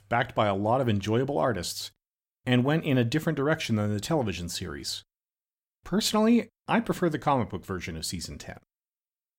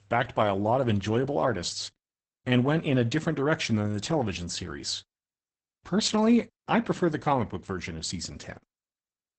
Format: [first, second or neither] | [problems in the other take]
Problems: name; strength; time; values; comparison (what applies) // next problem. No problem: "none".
first | garbled, watery; badly; nothing above 8 kHz